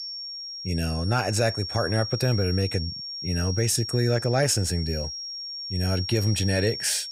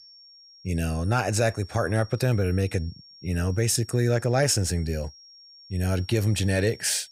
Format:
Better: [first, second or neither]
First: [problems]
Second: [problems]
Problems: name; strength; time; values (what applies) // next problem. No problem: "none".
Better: second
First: high-pitched whine; loud; throughout; 5.5 kHz, 6 dB below the speech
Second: high-pitched whine; faint; throughout; 5.5 kHz, 20 dB below the speech